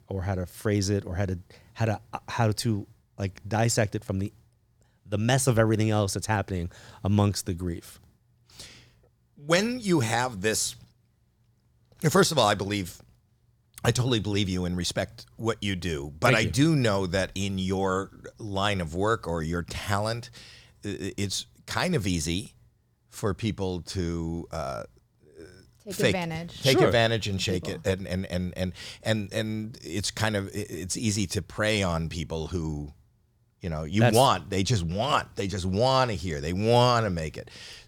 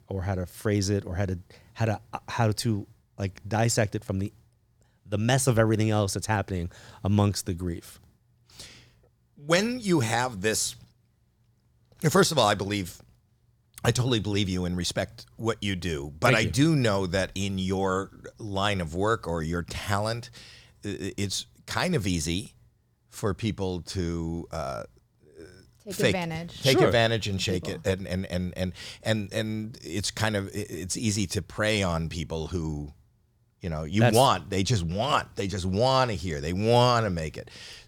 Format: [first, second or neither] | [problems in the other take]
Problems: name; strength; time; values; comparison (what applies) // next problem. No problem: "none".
neither | none